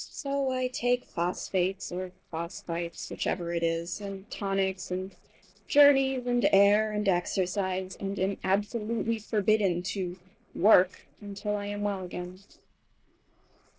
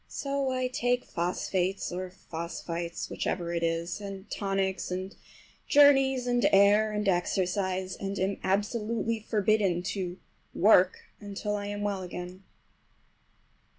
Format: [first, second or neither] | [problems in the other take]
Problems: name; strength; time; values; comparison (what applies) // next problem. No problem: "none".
second | noise reduction (neural separator model SepFormer DNS4)